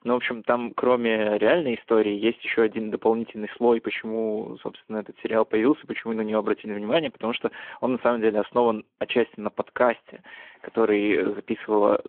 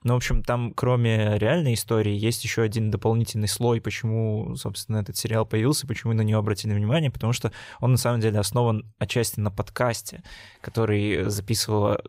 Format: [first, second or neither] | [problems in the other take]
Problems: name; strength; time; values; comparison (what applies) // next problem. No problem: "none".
second | phone-call audio